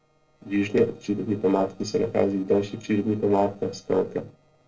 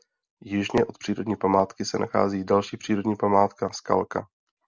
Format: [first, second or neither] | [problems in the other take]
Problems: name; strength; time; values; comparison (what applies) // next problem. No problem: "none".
second | noise reduction (neural separator model SepFormer DNS4)